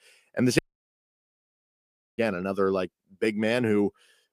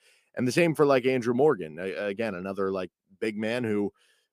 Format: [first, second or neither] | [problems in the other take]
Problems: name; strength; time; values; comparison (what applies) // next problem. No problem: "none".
second | audio cutting out; at 0.5 s for 1.5 s